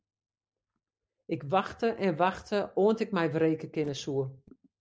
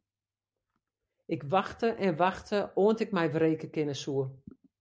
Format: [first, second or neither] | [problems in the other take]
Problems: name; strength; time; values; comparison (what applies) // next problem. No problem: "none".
second | noise reduction (neural separator model SepFormer DNS4)